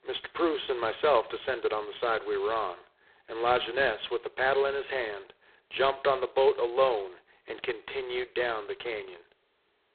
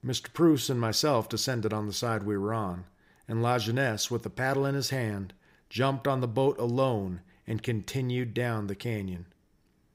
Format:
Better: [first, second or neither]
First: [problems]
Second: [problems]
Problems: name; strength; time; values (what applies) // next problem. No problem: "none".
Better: second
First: phone-call audio; poor line; nothing above 4 kHz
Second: none